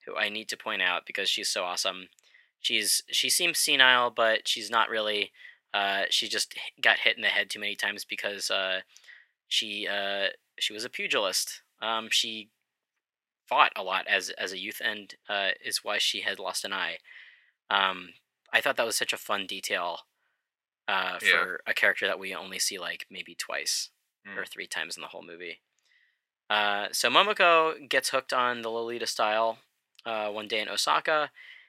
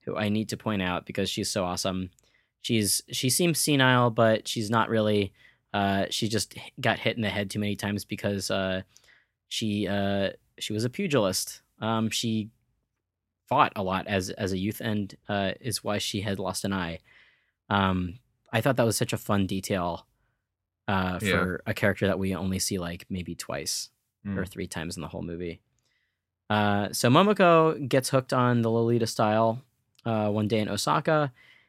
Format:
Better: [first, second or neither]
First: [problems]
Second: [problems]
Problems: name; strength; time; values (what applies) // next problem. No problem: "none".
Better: second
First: thin; very; fading below 550 Hz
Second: none